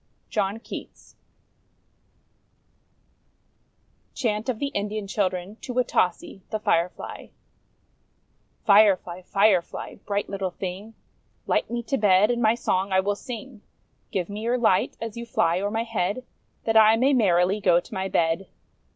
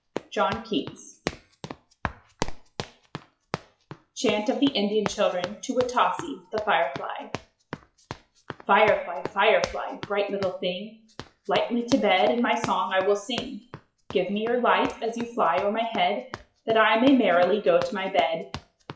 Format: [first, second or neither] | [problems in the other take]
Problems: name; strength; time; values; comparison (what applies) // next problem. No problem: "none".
first | noise reduction (classical method WPE with log-MMSE)